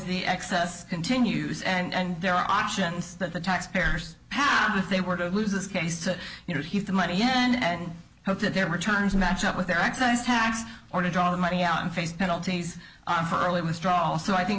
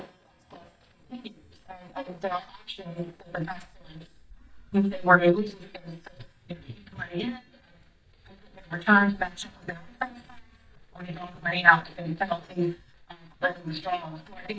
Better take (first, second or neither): first